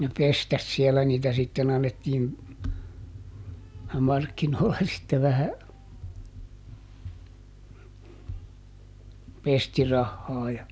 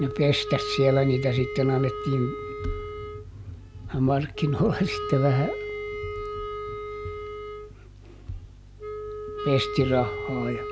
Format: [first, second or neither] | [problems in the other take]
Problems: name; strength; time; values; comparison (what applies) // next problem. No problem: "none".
first | background sound (Wind instrument, woodwind instrument); 8 dB below the speech